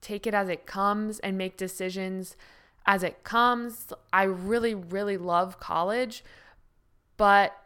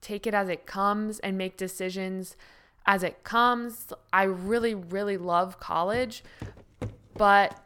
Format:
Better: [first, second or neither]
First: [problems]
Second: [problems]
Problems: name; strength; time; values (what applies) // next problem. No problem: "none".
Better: first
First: none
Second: footsteps; faint; from 6 s on; peak 15 dB below the speech